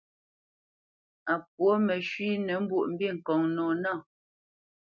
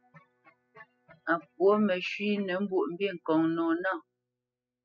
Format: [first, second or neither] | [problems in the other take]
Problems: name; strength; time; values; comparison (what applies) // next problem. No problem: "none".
first | noise reduction (classical method spectral subtraction)